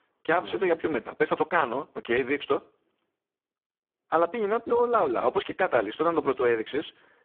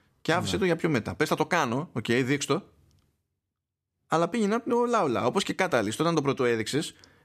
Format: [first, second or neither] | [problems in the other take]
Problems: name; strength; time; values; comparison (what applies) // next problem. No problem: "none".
second | phone-call audio; poor line